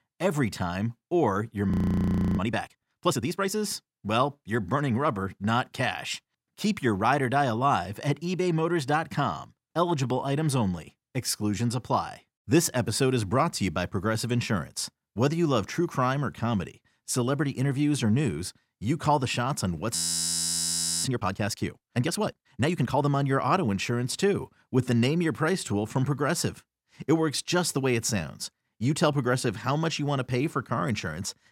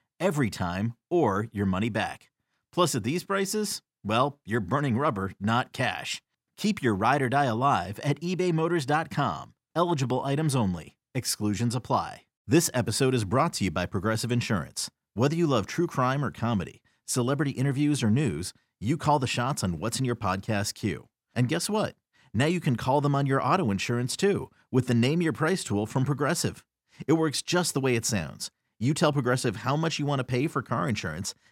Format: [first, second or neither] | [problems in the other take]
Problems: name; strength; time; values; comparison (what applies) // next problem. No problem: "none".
second | audio freezing; at 1.5 s for 0.5 s and at 20 s for 1 s